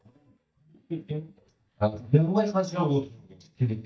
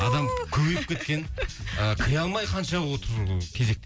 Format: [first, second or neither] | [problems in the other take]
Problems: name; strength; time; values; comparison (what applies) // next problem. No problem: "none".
second | noise reduction (neural mask model DeepFilterNet 3)